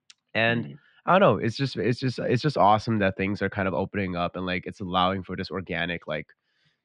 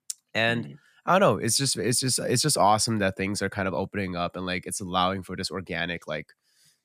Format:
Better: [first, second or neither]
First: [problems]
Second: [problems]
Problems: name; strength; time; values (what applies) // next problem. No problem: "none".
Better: second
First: muffled; slightly; fading above 3.5 kHz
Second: none